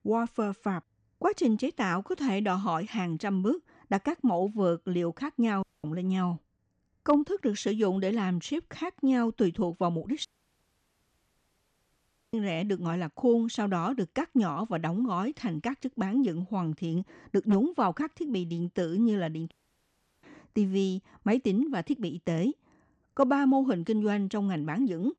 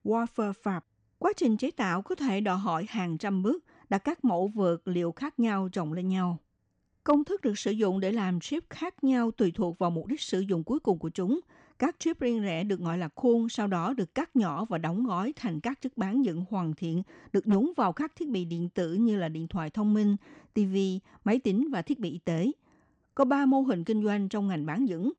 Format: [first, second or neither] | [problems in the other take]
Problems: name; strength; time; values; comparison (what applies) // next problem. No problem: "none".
second | audio cutting out; at 5.5 s, at 10 s for 2 s and at 20 s for 0.5 s